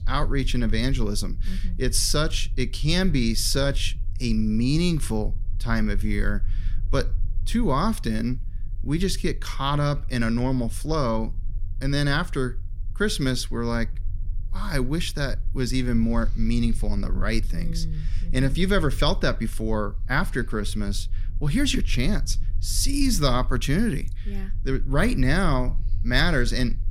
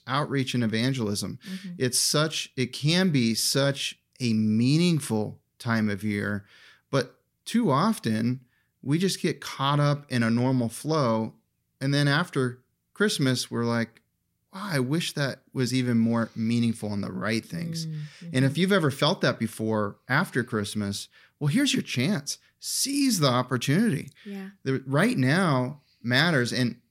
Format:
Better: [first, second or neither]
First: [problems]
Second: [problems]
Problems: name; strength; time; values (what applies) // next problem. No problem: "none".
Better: second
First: low rumble; faint; throughout; 25 dB below the speech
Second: none